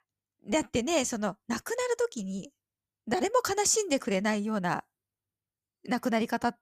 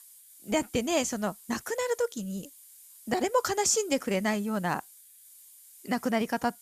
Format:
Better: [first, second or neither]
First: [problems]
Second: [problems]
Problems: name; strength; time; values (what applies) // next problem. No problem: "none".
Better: first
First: none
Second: hiss; faint; throughout; 20 dB below the speech